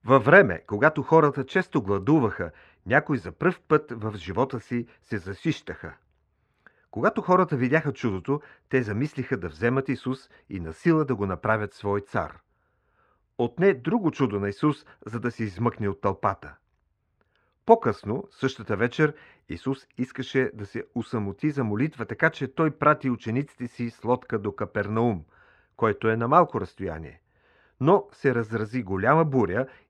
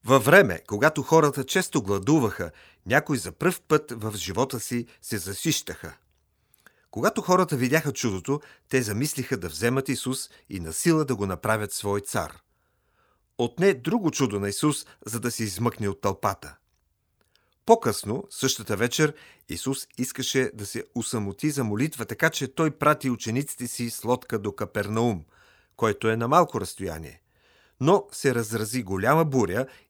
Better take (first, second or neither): second